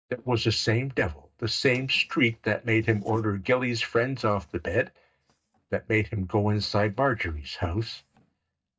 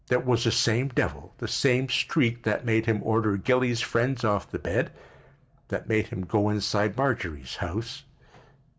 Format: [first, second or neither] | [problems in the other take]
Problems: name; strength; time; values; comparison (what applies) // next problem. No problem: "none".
second | noise reduction (neural mask model DeepFilterNet 3)